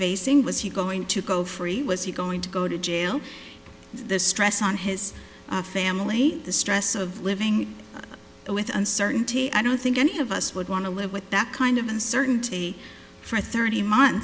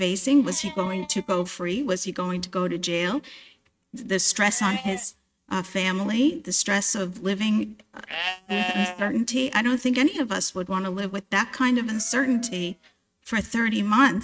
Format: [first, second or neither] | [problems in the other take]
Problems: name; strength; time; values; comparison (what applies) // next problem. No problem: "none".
first | noise reduction (neural mask model RNNoise)